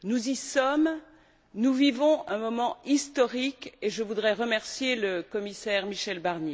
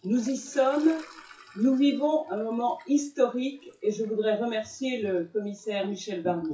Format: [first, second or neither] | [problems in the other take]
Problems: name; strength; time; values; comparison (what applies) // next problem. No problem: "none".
first | noise reduction (classical method WPE with log-MMSE)